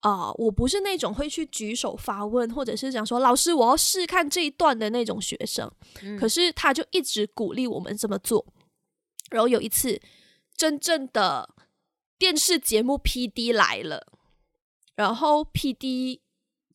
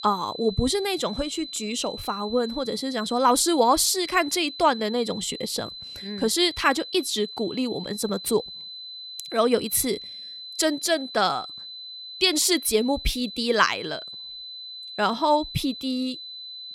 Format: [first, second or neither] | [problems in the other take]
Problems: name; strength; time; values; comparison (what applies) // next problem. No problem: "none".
first | high-pitched whine; noticeable; throughout; 4 kHz, 10 dB below the speech